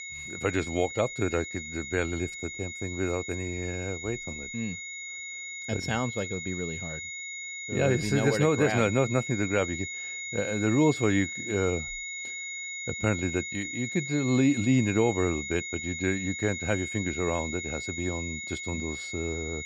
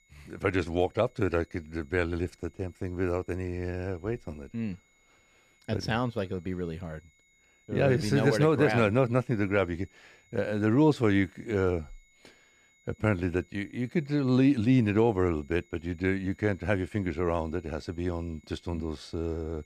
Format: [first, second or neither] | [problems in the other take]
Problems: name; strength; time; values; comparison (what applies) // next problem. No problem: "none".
second | high-pitched whine; loud; throughout; 2 kHz, 6 dB below the speech; faint in the second